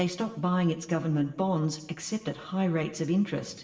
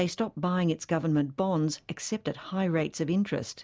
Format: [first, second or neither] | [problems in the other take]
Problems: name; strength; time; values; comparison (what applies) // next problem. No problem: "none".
second | room echo; dies away in 0.9 s